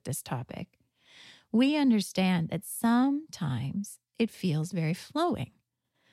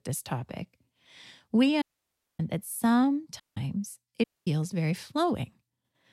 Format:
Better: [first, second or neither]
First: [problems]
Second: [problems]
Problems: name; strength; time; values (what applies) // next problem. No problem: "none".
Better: first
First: none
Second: audio cutting out; at 2 s for 0.5 s, at 3.5 s and at 4 s